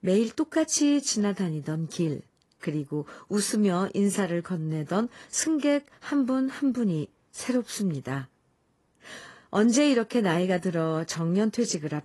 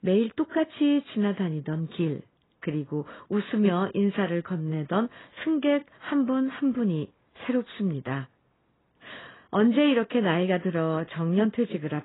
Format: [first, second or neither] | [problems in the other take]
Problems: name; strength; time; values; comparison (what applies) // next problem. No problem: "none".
first | garbled, watery; badly; nothing above 3.5 kHz; slightly in the first